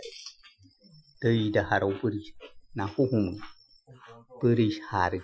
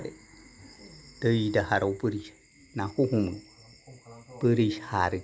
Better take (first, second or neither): second